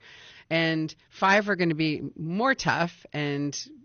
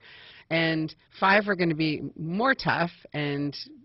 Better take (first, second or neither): first